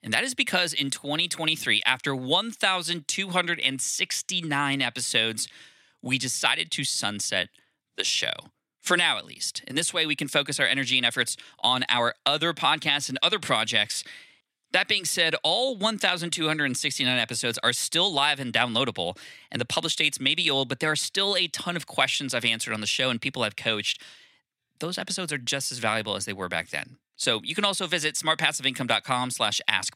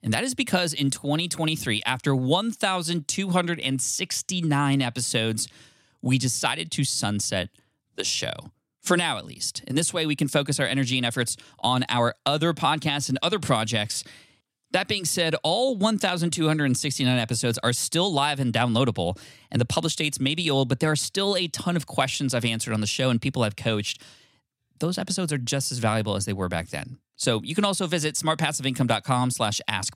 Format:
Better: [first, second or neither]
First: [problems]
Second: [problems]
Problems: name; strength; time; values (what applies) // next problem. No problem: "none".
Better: second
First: thin; very slightly; fading below 350 Hz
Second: none